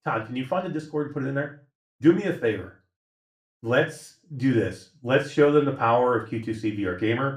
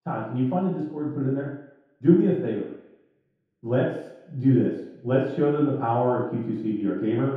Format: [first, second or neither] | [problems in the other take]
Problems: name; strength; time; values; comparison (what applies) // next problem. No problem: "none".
first | room echo; strong; dies away in 0.8 s; slight in the first // off-mic speech; far; far in the first